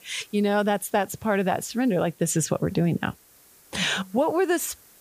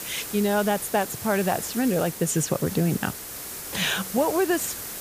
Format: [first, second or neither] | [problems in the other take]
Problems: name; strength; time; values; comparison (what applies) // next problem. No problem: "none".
first | hiss; loud; throughout; 8 dB below the speech; faint in the first